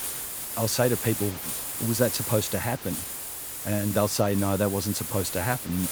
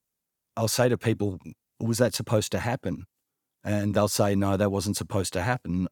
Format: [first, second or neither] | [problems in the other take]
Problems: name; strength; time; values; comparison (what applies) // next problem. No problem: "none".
second | hiss; loud; throughout; 4 dB below the speech